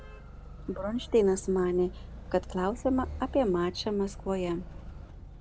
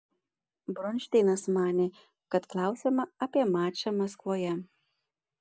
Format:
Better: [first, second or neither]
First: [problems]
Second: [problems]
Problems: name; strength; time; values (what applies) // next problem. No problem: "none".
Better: second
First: background sound (Motor vehicle (road)); 12 dB below the speech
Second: none